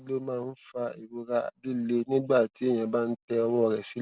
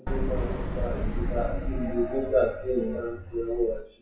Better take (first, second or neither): first